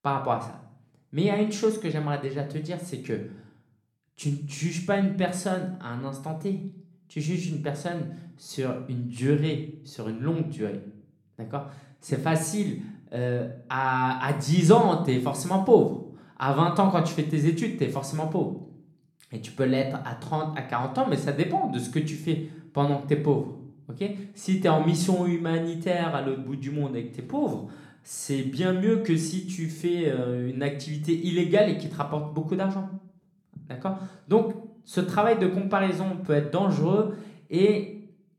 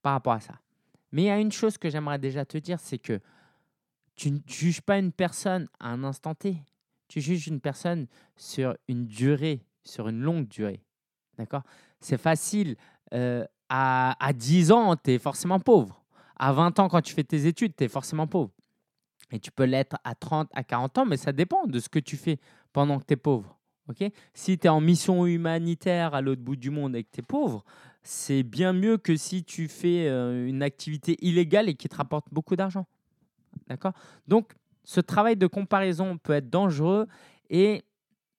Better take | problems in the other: second | room echo; slight; dies away in 0.6 s

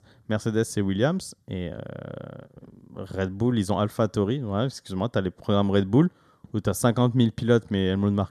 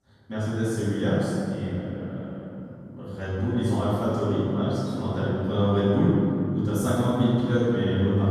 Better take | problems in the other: first | off-mic speech; far // room echo; strong; dies away in 2.8 s

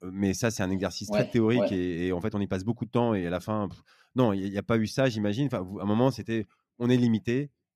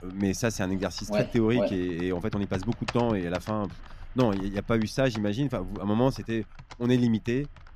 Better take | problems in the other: first | household noises; noticeable; throughout; 15 dB below the speech

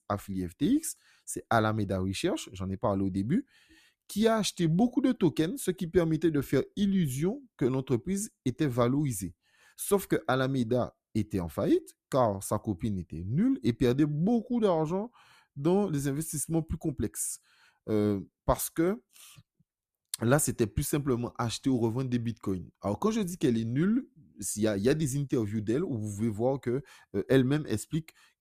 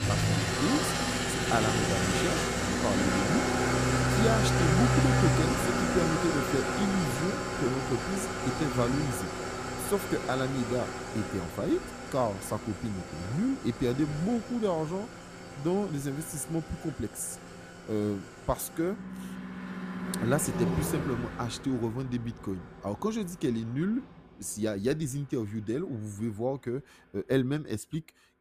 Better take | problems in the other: first | traffic noise; very loud; throughout; 2 dB above the speech

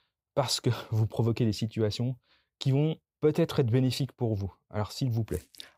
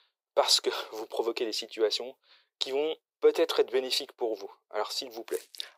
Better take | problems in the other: first | thin; very; fading below 400 Hz

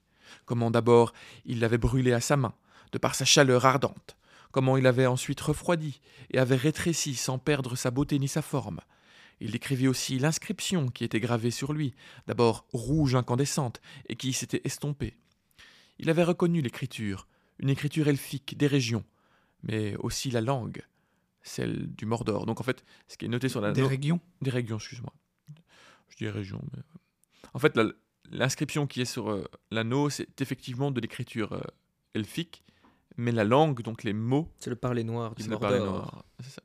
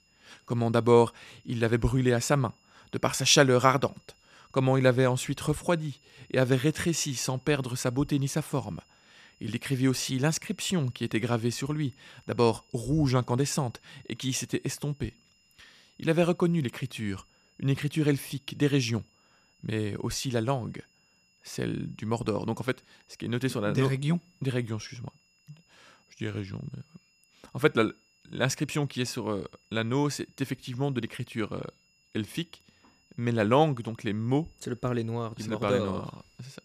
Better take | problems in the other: first | high-pitched whine; faint; throughout; 3 kHz, 35 dB below the speech

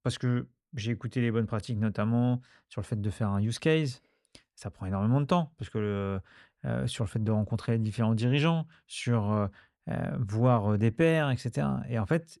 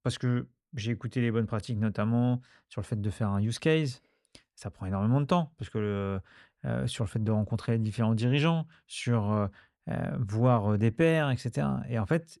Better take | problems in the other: neither | none

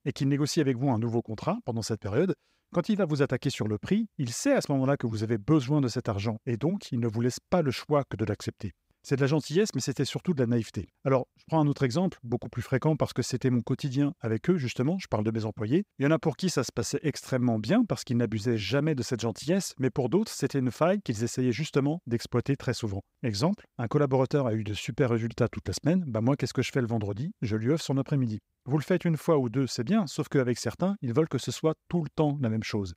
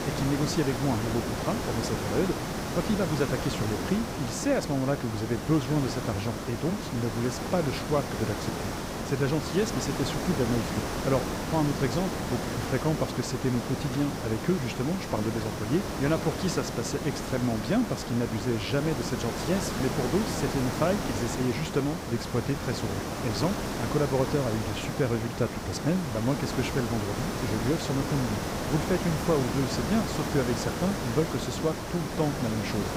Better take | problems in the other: first | hiss; loud; throughout; 3 dB below the speech

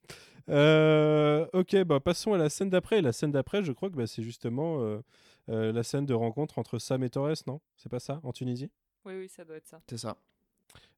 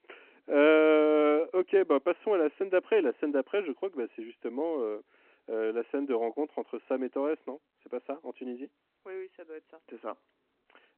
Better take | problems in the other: first | phone-call audio

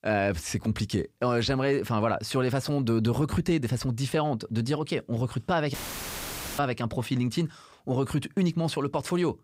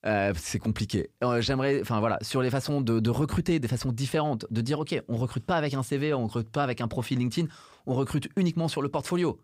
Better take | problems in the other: second | audio cutting out; filled with static; at 5.5 s for 1 s

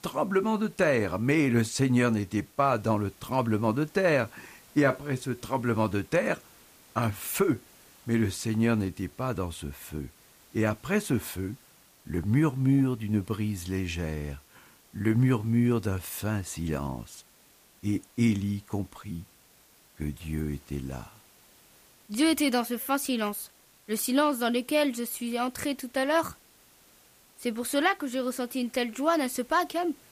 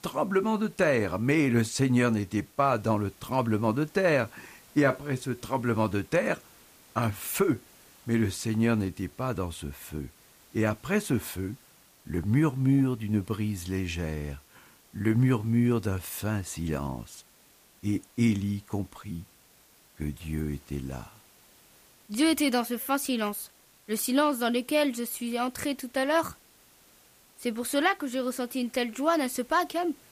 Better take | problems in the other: neither | hiss; faint; throughout; 25 dB below the speech; the same in both

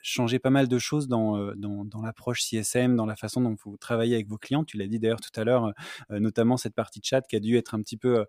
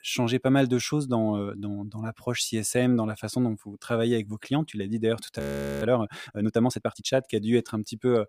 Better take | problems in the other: first | audio freezing; at 5.5 s

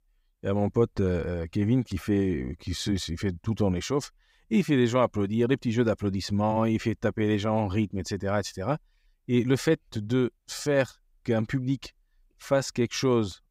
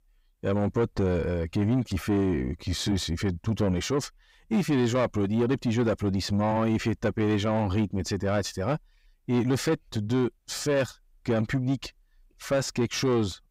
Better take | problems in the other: first | distortion; slight; 10 dB below the speech

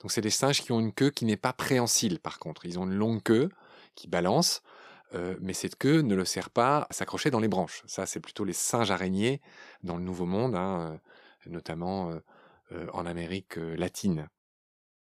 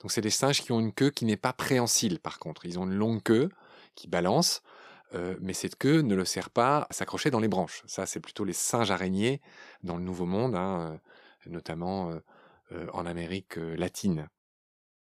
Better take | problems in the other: neither | none

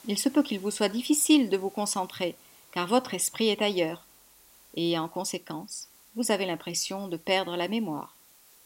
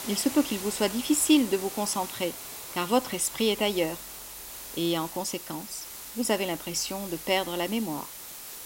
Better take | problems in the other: first | hiss; loud; throughout; 10 dB below the speech; faint in the first

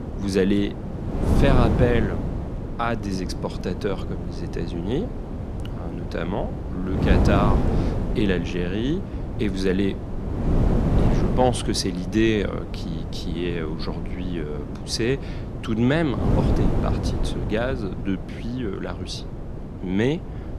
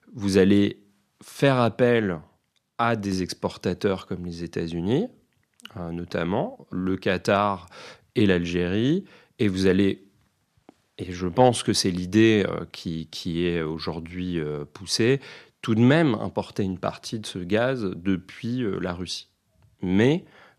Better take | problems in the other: second | wind noise on the microphone; heavy; 6 dB below the speech

